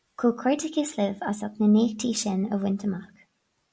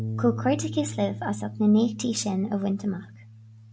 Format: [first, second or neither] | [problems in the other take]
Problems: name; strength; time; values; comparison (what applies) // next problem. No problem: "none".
first | background sound (Bass guitar); 10 dB below the speech